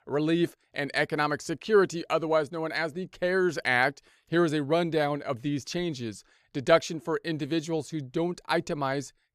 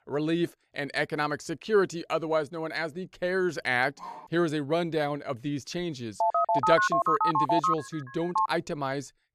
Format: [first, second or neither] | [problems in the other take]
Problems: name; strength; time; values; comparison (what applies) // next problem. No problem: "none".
first | dog barking; faint; at 4 s; peak 15 dB below the speech // phone ringing; loud; from 6 to 8.5 s; peak 5 dB above the speech